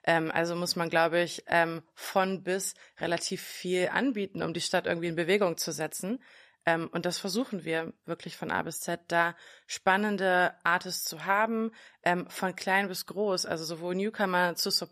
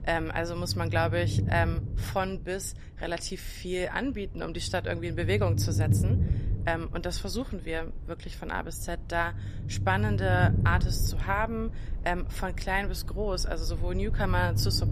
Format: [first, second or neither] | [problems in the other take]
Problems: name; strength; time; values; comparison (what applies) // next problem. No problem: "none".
first | low rumble; noticeable; throughout; 15 dB below the speech